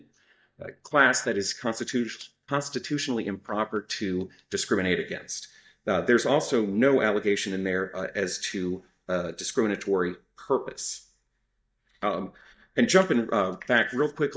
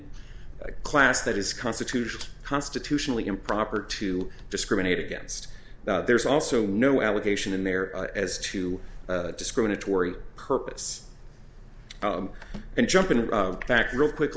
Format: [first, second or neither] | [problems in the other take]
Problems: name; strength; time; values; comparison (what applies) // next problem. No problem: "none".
second | noise reduction (neural mask model DeepFilterNet 3)